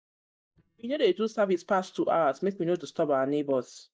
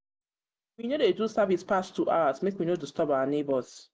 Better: second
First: noise reduction (neural mask model DeepFilterNet 3)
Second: none

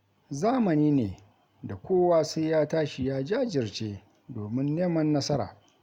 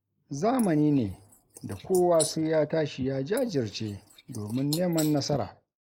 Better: first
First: none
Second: noise reduction (neural mask model Resemble Enhance denoiser)

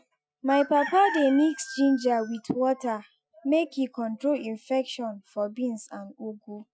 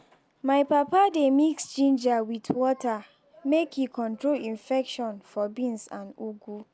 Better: second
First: noise reduction (classical method Wiener filter)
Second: none

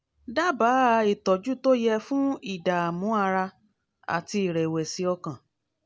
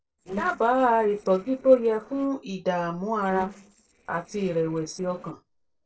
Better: first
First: none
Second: noise reduction (neural separator model SepFormer DNS4)

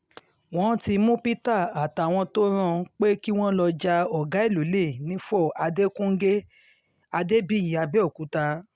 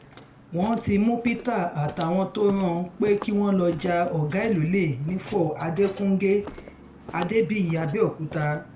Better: first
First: none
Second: background sound (Walk, footsteps); 18 dB below the speech // room echo; dies away in 0.3 s

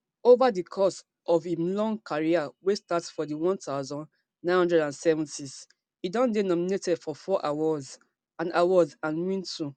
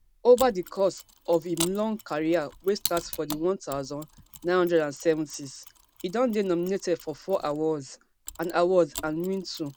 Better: first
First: none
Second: background sound (Mechanisms); 15 dB below the speech

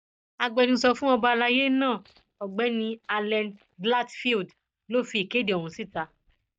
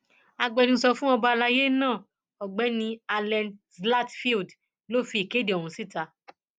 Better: second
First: noise reduction (neural mask model DeepFilterNet 3)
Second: none

